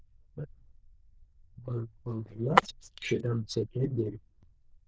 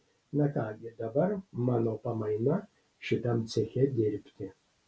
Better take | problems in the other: second | noise reduction (neural diffusion model UNIVERSE++)

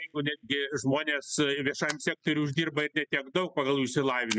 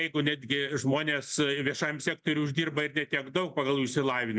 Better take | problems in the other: second | noise reduction (classical method spectral subtraction)

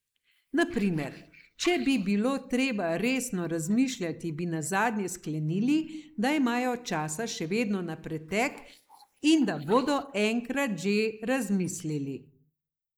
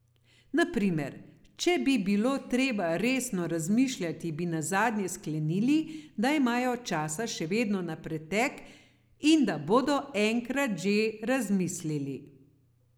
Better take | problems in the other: second | noise reduction (neural mask model Resemble Enhance denoiser)

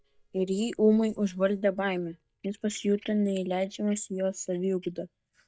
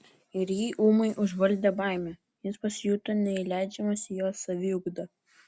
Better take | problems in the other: second | noise reduction (neural mask model DeepFilterNet 3)

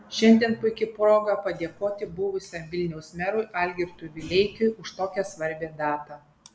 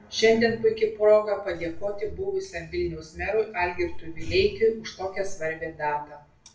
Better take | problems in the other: first | room echo; dies away in 0.3 s

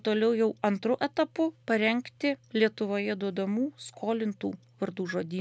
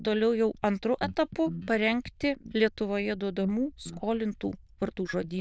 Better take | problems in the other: first | noise reduction (neural diffusion model UNIVERSE++)

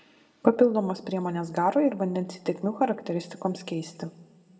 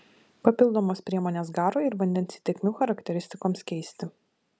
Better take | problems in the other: second | room echo; dies away in 0.8 s

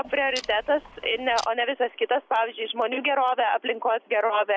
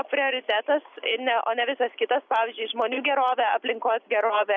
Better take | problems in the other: second | background sound (Clock); 18 dB below the speech

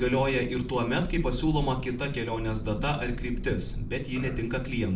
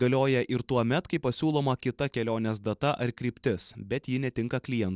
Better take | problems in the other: second | background sound (Thunder); 6 dB below the speech // room echo; dies away in 0.4 s

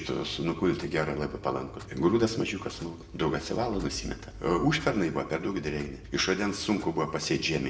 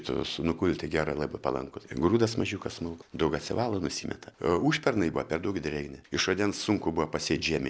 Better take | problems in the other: second | background sound (Clock); 17 dB below the speech // room echo; dies away in 0.7 s

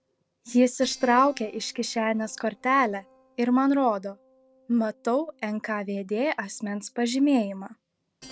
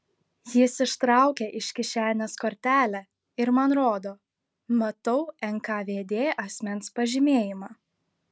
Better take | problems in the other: second | noise reduction (neural separator model SepFormer DNS4)

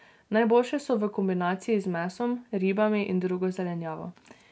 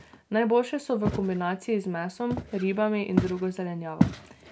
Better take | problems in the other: first | background sound (Walk, footsteps); 5 dB below the speech

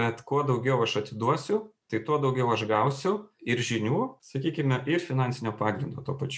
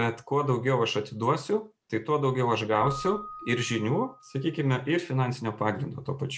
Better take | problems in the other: first | background sound (Keyboard (musical)); 18 dB below the speech

